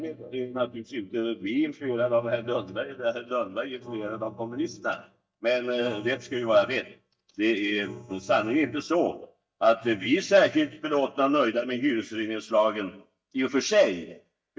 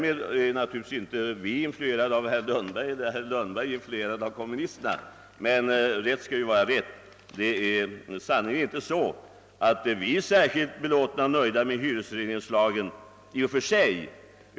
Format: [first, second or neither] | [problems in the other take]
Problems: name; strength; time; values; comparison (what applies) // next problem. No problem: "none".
second | noise reduction (neural mask model DeepFilterNet 3)